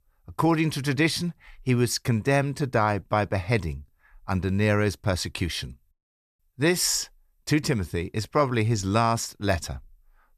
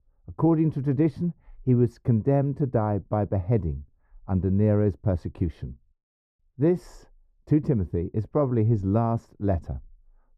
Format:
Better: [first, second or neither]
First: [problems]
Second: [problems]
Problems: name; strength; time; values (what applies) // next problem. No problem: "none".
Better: first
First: none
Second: muffled; very; fading above 1.5 kHz